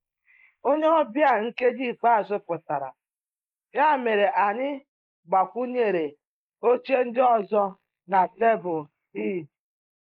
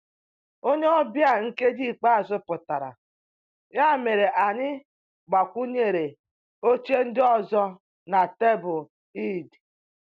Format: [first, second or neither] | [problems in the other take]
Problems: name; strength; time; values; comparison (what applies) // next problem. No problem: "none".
second | noise reduction (neural mask model Resemble Enhance denoiser)